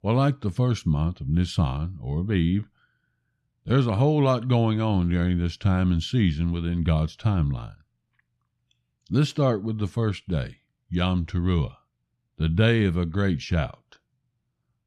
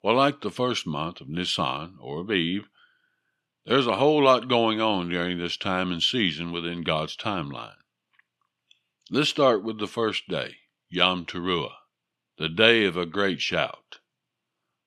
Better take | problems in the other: first | thin; somewhat; fading below 400 Hz

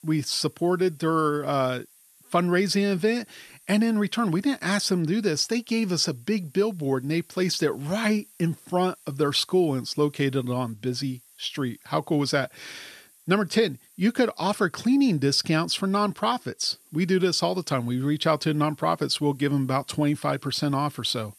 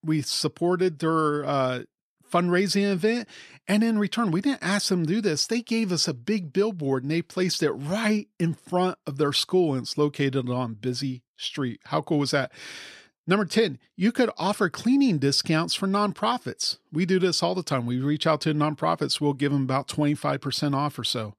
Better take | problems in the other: second | hiss; faint; throughout; 30 dB below the speech

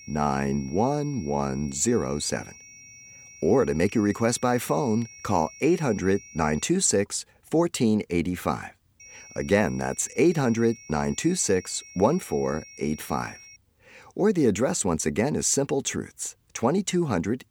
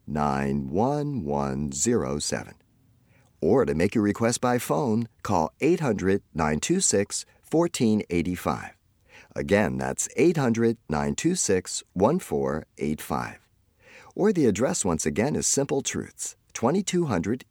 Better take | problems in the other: second | high-pitched whine; noticeable; until 6.5 s and from 9 to 14 s; 5.5 kHz, 20 dB below the speech

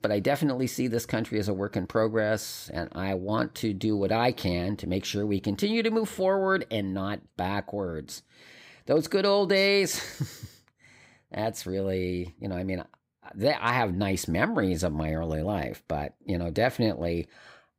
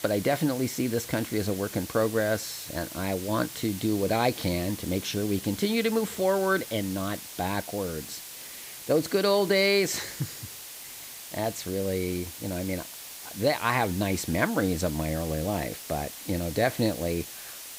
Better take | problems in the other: first | hiss; noticeable; throughout; 10 dB below the speech

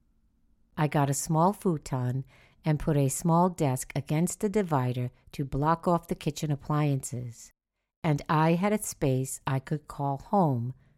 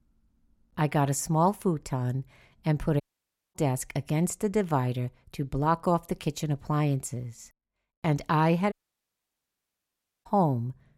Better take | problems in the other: first | audio cutting out; at 3 s for 0.5 s and at 8.5 s for 1.5 s

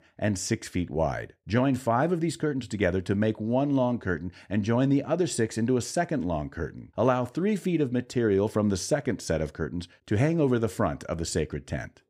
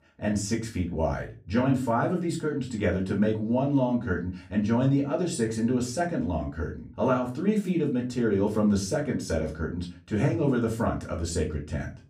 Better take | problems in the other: first | off-mic speech; far // room echo; very slight; dies away in 0.3 s

